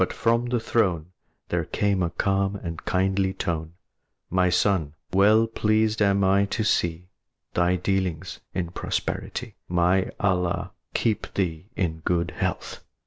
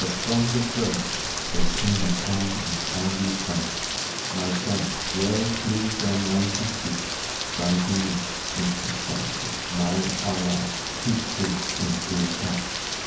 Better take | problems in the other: first | background sound (Rain); 1 dB below the speech // room echo; dies away in 0.9 s

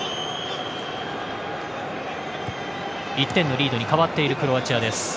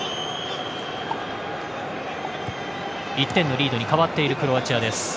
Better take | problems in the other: first | background sound (Explosion); 18 dB below the speech

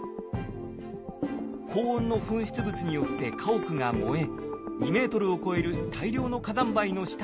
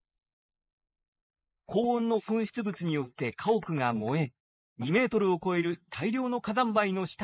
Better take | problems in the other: first | noise reduction (neural mask model Resemble Enhance denoiser)

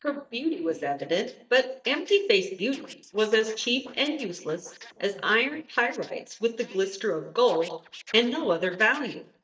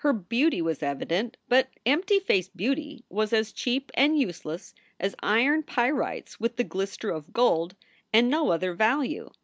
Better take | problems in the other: second | noise reduction (neural mask model DeepFilterNet 3)

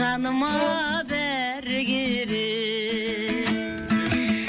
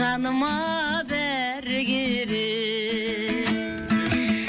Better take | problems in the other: second | background sound (Bowed string instrument); 9 dB below the speech

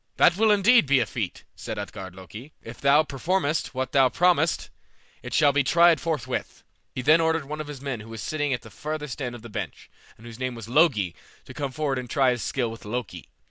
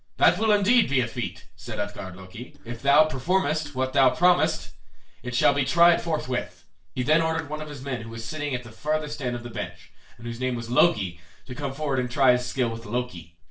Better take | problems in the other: first | noise reduction (neural separator model SepFormer DNS4)

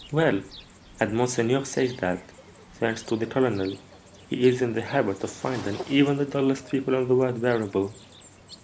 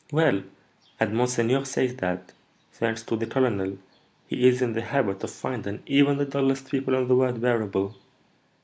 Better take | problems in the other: second | background sound (Cricket); 20 dB below the speech

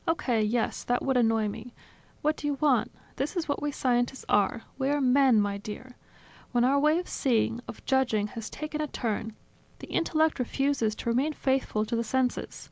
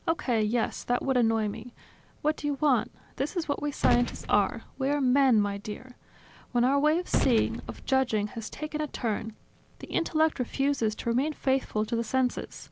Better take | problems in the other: first | background sound (Gunshot, gunfire); 8 dB below the speech

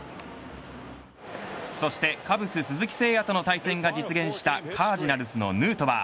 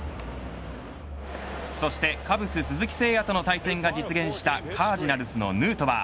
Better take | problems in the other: first | background sound (Alarm / Truck); 12 dB below the speech

